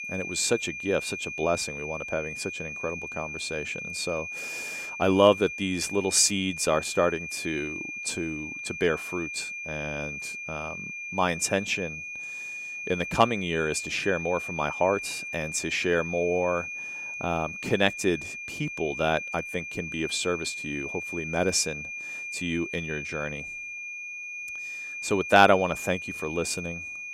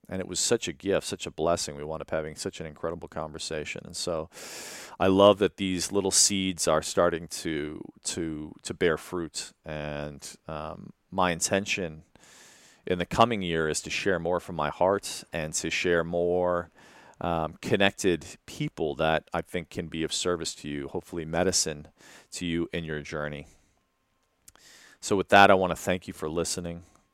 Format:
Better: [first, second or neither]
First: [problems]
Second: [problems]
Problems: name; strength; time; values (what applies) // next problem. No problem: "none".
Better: second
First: high-pitched whine; loud; throughout; 2.5 kHz, 7 dB below the speech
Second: none